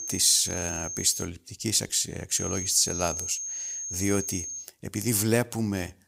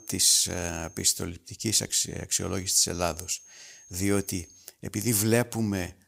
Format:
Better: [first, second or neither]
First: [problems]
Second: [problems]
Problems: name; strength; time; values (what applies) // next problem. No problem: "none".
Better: second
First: high-pitched whine; loud; until 1 s and from 2.5 to 4.5 s; 6.5 kHz, 6 dB below the speech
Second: high-pitched whine; faint; until 1 s and from 2.5 to 4.5 s; 6.5 kHz, 25 dB below the speech